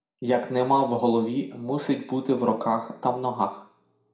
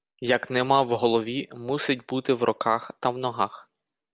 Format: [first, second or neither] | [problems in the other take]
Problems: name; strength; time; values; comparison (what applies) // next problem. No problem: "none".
second | room echo; dies away in 0.5 s